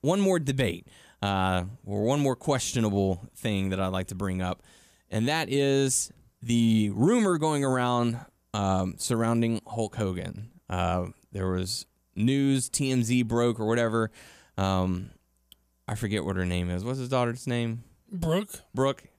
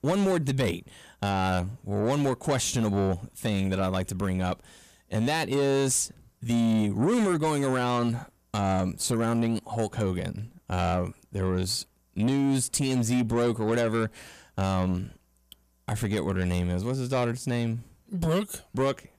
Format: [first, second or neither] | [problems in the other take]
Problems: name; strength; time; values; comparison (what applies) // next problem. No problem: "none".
first | distortion; slight; 10 dB below the speech